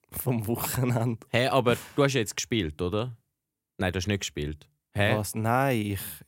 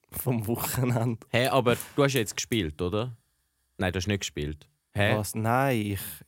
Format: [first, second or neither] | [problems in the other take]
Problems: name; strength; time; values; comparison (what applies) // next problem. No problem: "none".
first | hiss; noticeable; throughout; 15 dB below the speech